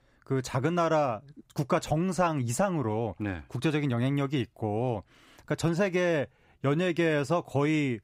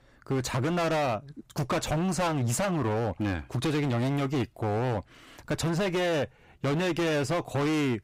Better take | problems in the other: first | distortion; heavy; 30% of the sound clipped

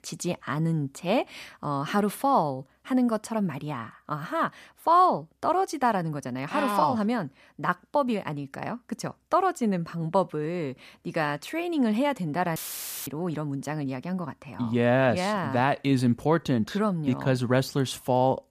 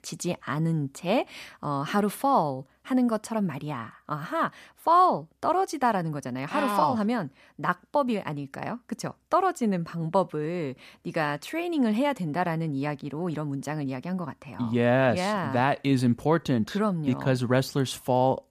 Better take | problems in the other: second | audio cutting out; filled with static; at 13 s for 0.5 s

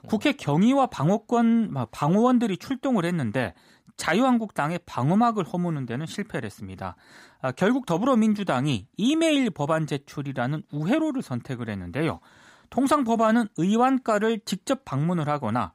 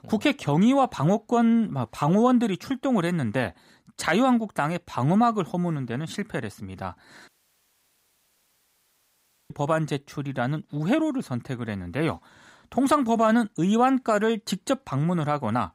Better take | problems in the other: first | audio cutting out; at 7.5 s for 2 s

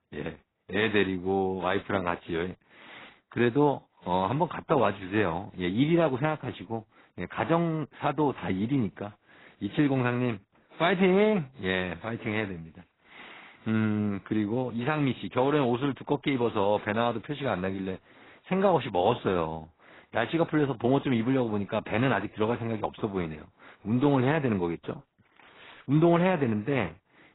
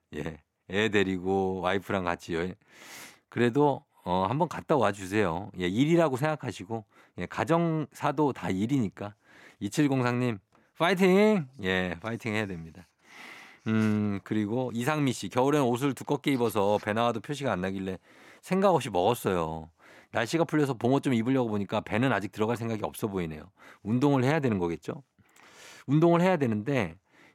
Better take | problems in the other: second | garbled, watery; badly; nothing above 4 kHz

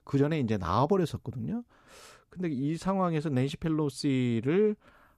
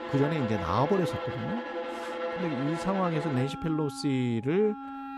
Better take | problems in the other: first | background music; loud; throughout; 6 dB below the speech

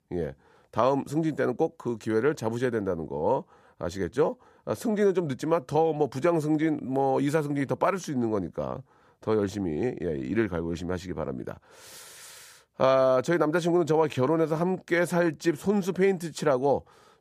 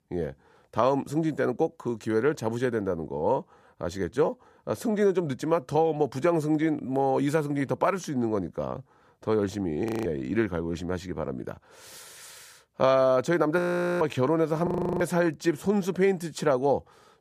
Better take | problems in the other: first | audio freezing; at 10 s, at 14 s and at 15 s

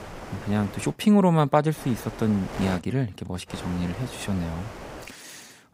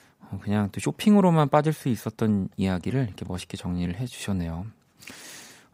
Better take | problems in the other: second | wind noise on the microphone; occasional gusts; at the start, from 2 to 3 s and from 3.5 to 5 s; 10 dB below the speech

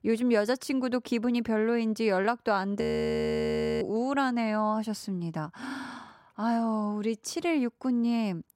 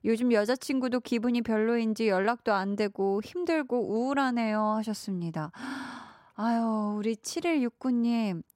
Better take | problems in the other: second | audio freezing; at 3 s for 1 s

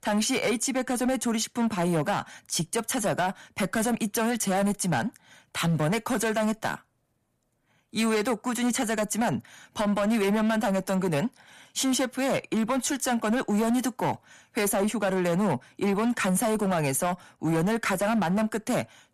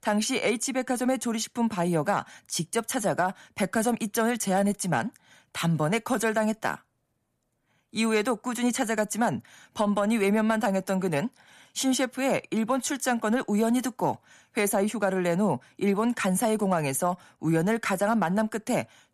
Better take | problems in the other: second | distortion; slight; 14% of the sound clipped

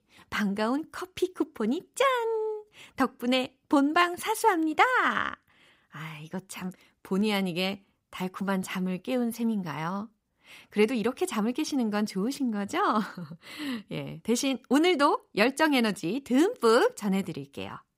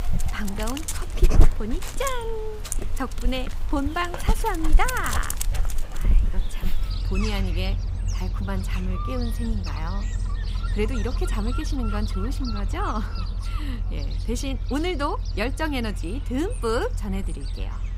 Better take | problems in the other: first | animal sounds; very loud; throughout; 2 dB above the speech

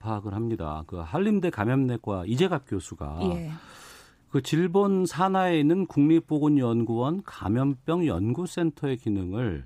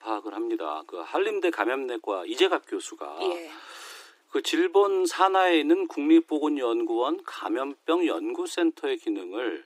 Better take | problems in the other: first | thin; very; fading below 300 Hz

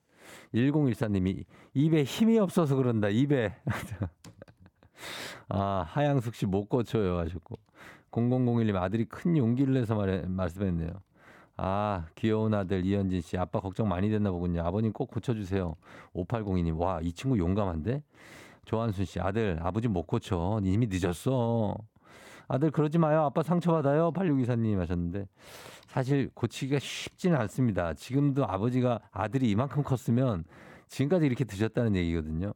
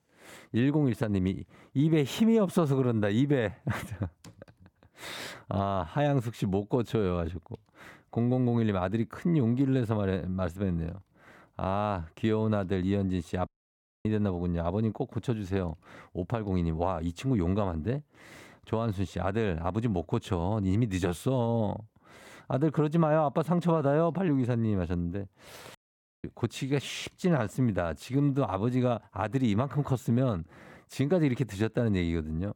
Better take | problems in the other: first | audio cutting out; at 13 s for 0.5 s and at 26 s

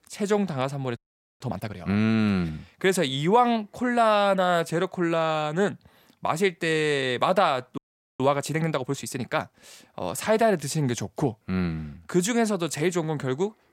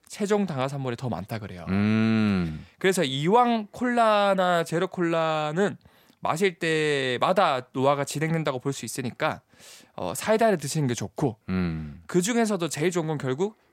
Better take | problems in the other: second | audio freezing; at 1 s and at 8 s

